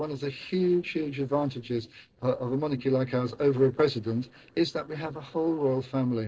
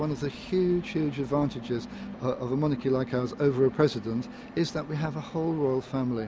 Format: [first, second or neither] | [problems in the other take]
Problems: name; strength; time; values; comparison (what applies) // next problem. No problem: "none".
second | noise reduction (neural separator model SepFormer DNS4)